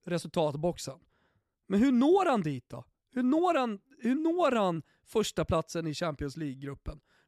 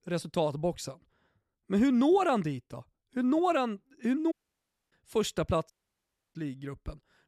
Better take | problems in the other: first | audio cutting out; at 4.5 s for 0.5 s and at 5.5 s for 0.5 s

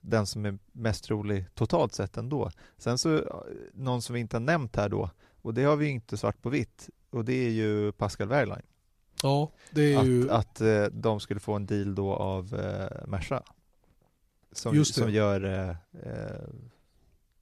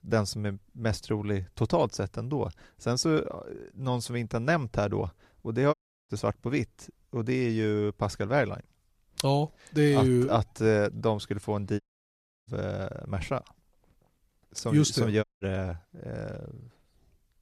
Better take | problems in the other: first | audio cutting out; at 5.5 s, at 12 s for 0.5 s and at 15 s

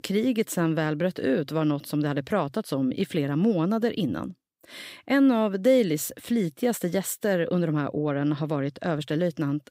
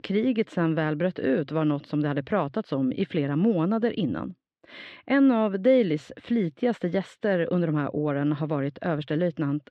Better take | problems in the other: first | muffled; slightly; fading above 3 kHz

